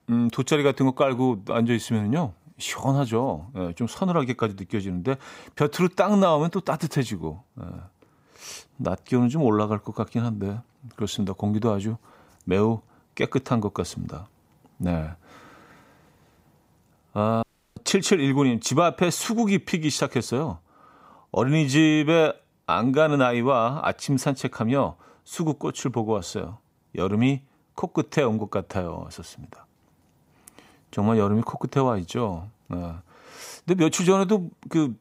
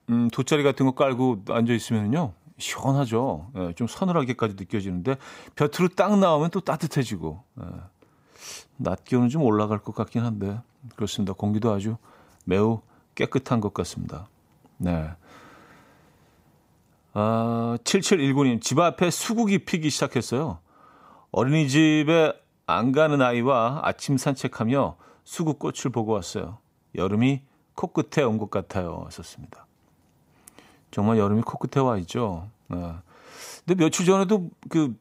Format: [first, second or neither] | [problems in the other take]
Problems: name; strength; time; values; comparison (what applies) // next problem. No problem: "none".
second | audio cutting out; at 17 s